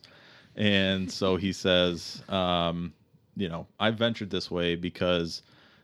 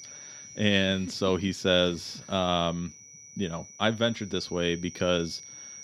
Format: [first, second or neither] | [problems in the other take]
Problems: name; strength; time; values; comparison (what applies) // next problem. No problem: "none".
first | high-pitched whine; noticeable; throughout; 6 kHz, 15 dB below the speech